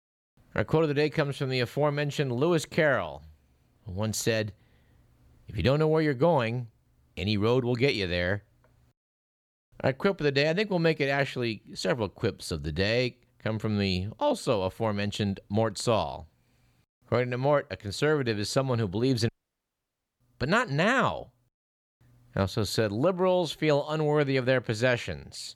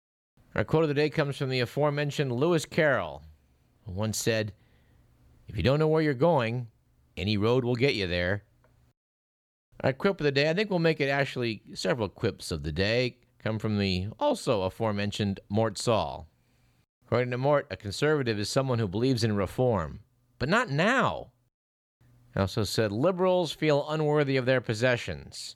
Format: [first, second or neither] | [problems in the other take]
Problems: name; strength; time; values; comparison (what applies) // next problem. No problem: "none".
second | audio cutting out; at 19 s for 1 s